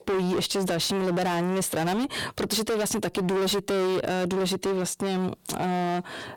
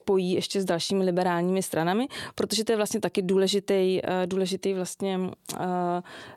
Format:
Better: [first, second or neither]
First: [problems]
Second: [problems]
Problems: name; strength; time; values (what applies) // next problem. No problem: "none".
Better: second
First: distortion; heavy; 33% of the sound clipped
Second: none